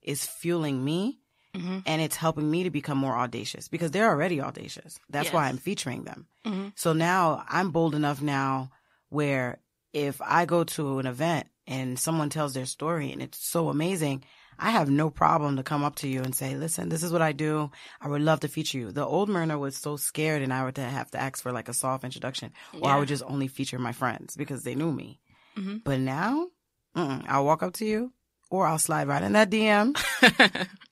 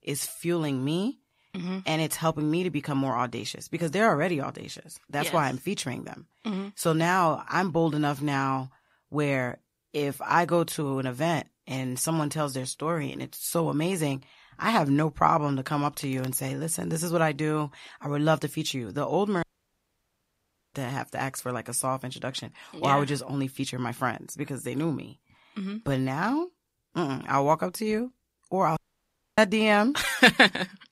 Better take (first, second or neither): first